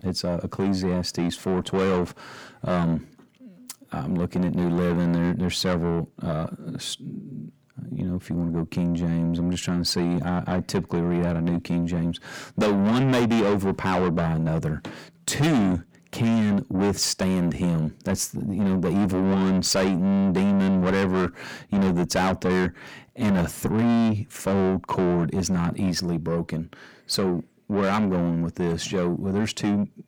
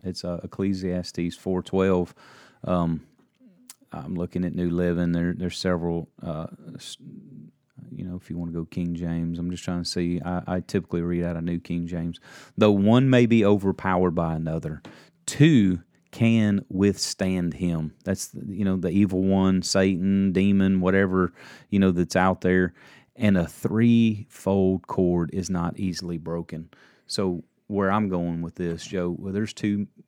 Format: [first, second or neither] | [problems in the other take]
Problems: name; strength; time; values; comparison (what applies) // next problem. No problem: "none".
second | distortion; heavy; 6 dB below the speech